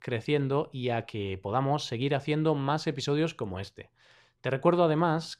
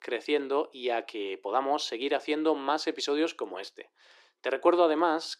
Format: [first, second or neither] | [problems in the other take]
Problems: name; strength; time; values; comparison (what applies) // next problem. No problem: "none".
first | thin; somewhat; fading below 300 Hz